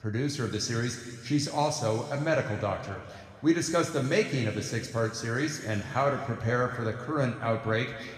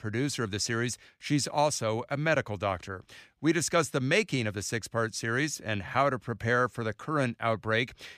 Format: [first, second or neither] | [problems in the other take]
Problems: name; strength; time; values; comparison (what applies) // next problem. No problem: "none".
second | room echo; noticeable; dies away in 2.1 s // off-mic speech; somewhat distant